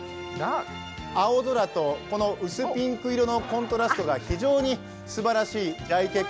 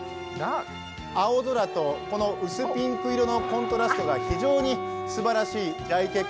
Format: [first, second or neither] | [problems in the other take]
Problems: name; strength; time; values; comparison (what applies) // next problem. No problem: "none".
first | background sound (Wind instrument, woodwind instrument); 7 dB below the speech